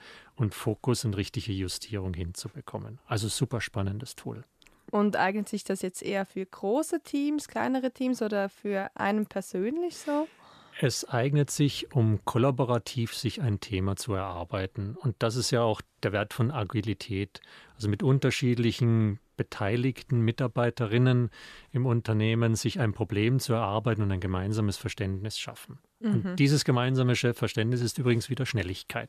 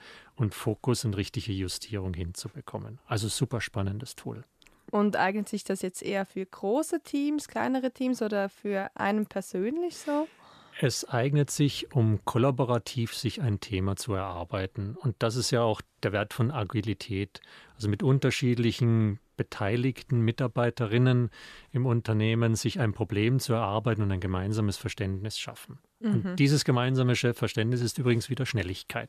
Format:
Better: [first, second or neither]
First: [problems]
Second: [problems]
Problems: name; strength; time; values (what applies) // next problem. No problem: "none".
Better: neither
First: none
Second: none